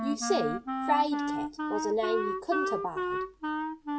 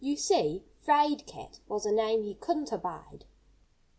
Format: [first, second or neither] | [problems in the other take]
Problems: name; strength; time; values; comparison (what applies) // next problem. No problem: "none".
second | background sound (Wind instrument, woodwind instrument); 1 dB below the speech